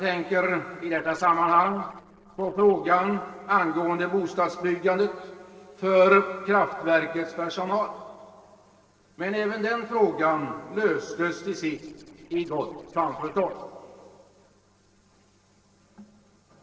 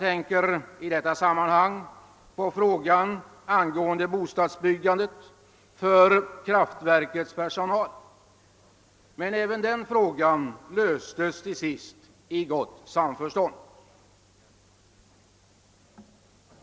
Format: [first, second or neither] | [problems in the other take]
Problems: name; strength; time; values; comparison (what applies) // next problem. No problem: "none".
second | noise reduction (neural separator model SepFormer DNS4)